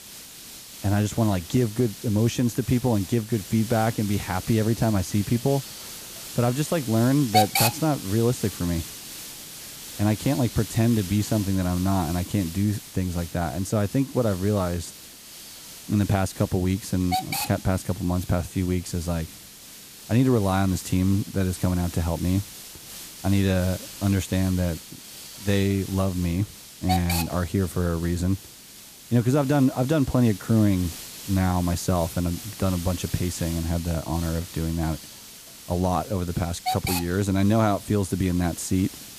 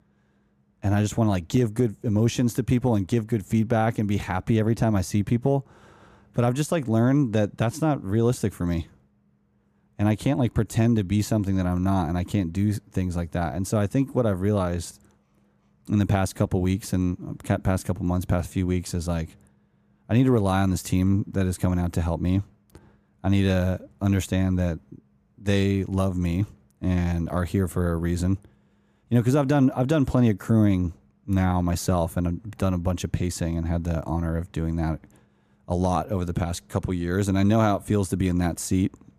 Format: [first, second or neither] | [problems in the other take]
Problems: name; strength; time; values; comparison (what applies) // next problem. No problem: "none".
second | hiss; loud; throughout; 10 dB below the speech